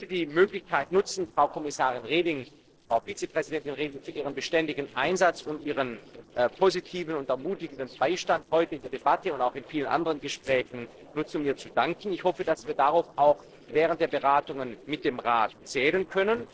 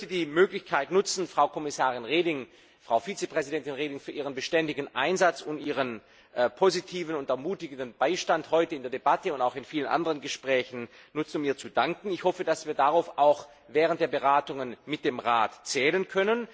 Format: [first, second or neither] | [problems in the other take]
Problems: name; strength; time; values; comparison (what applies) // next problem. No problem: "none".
second | noise reduction (neural separator model SepFormer DNS4)